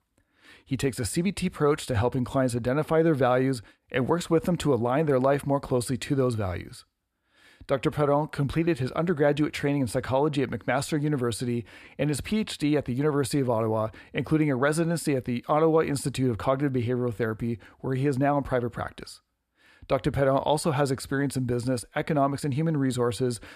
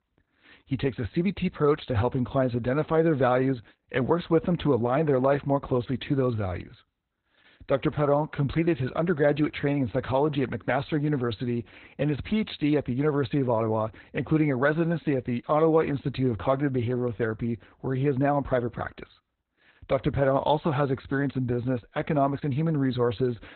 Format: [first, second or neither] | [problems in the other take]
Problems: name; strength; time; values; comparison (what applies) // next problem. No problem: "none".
first | garbled, watery; badly; nothing above 4 kHz